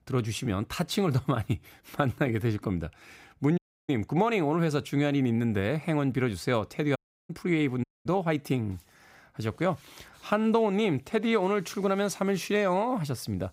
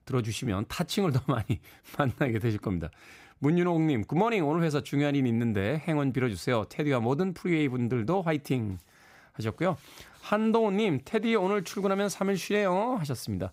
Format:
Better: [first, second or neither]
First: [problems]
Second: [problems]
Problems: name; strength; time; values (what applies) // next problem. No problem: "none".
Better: second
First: audio cutting out; at 3.5 s, at 7 s and at 8 s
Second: none